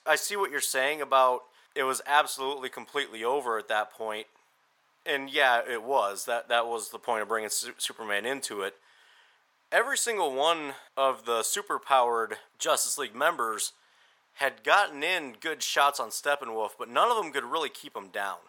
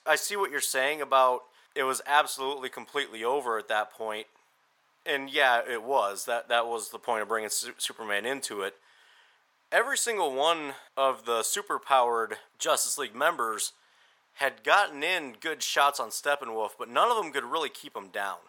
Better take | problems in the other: neither | thin; very; fading below 800 Hz; the same in both

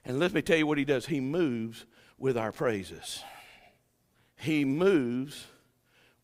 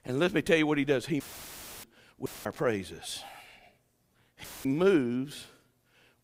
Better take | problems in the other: first | audio cutting out; filled with static; at 1 s for 0.5 s, at 2.5 s and at 4.5 s

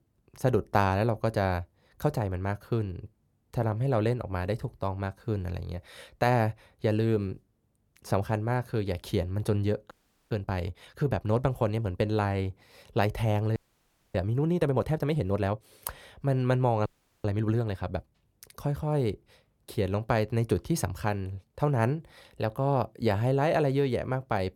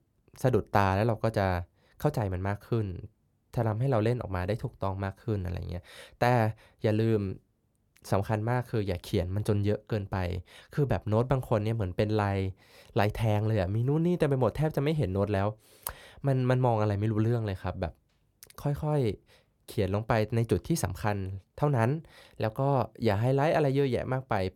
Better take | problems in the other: second | audio freezing; at 10 s, at 14 s for 0.5 s and at 17 s

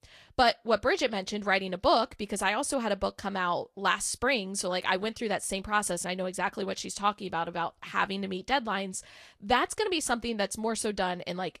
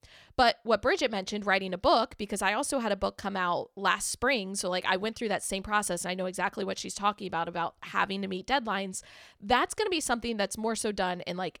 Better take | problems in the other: second | garbled, watery; slightly

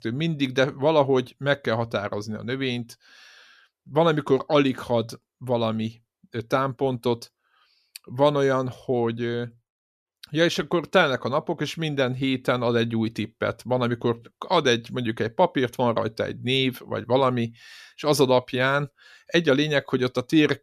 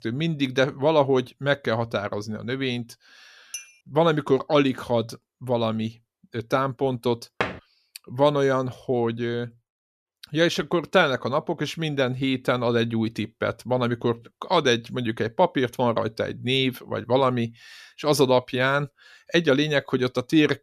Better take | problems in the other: first | clattering dishes; faint; at 3.5 s; peak 15 dB below the speech // door banging; noticeable; at 7.5 s; peak 6 dB below the speech

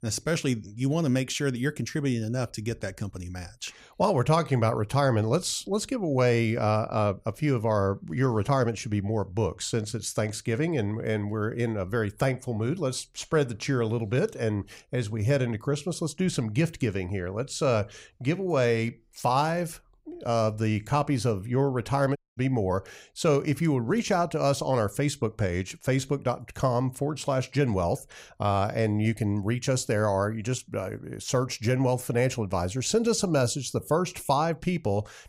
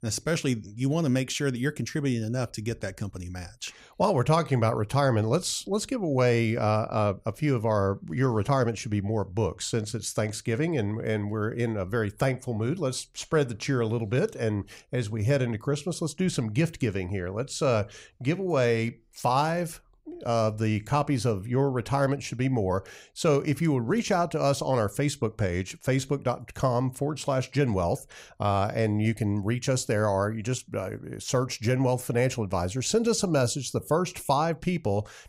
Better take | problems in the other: second | audio cutting out; at 22 s

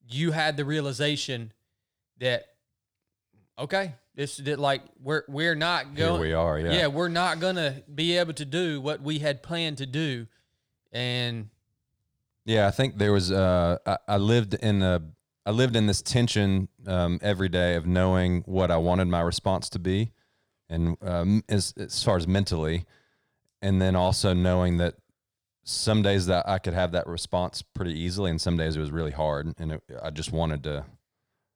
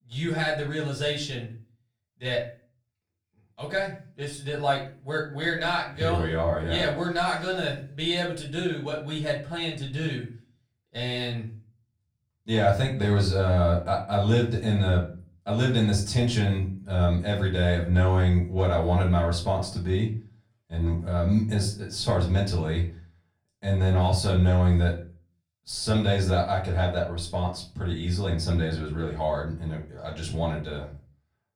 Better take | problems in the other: first | off-mic speech; far // room echo; slight; dies away in 0.3 s

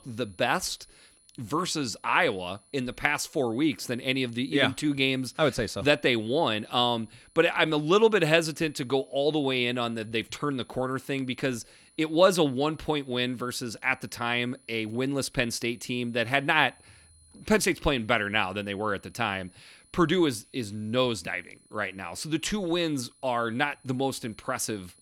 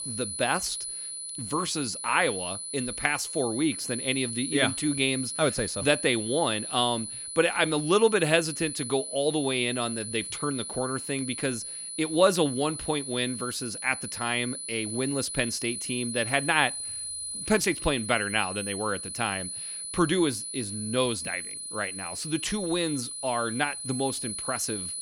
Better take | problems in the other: first | high-pitched whine; loud; throughout; 10 kHz, 5 dB below the speech; faint in the first

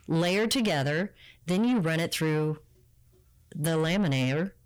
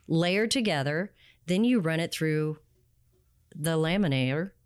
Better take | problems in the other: second | distortion; slight; 10 dB below the speech

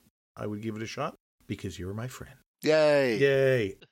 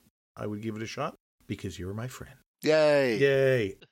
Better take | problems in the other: neither | none

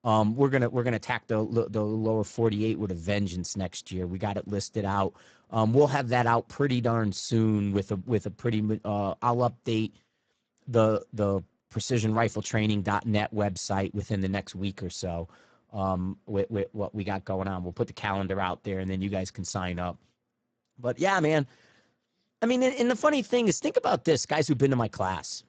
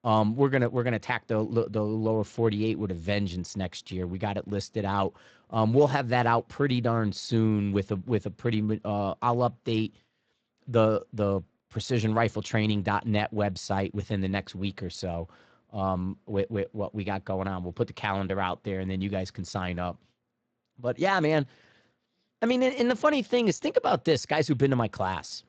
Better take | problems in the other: second | garbled, watery; badly; nothing above 7.5 kHz; slightly in the second

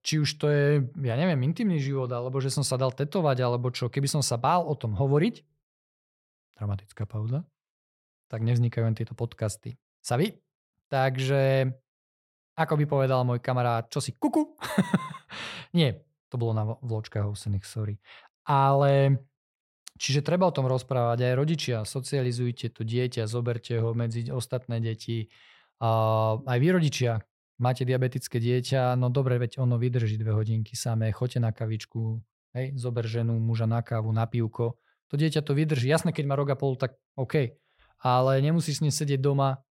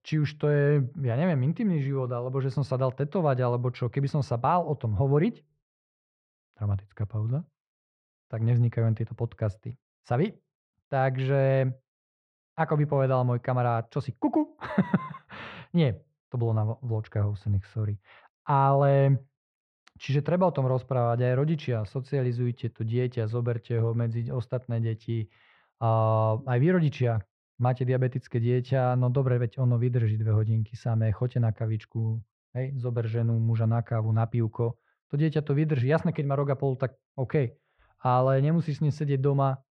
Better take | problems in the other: first | muffled; very; fading above 2 kHz

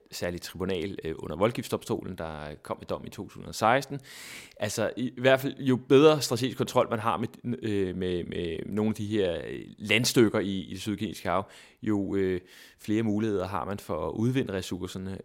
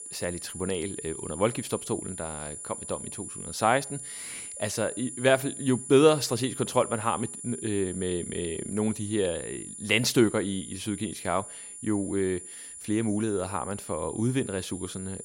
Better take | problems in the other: first | high-pitched whine; loud; throughout; 10 kHz, 9 dB below the speech

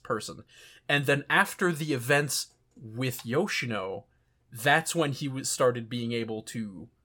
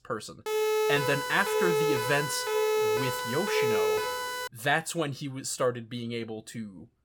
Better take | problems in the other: first | siren; loud; until 4.5 s; peak 5 dB above the speech

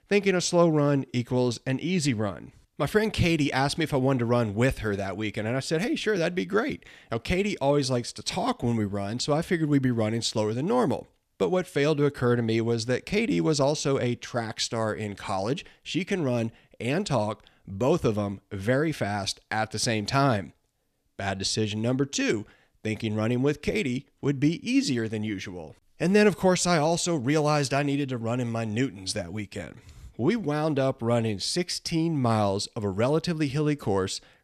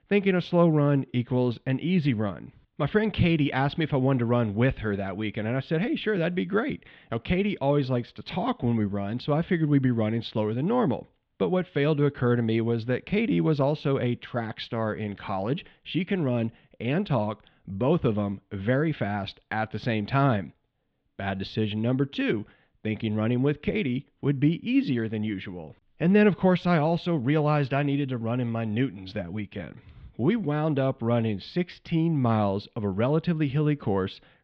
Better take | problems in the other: first | muffled; very; fading above 3.5 kHz

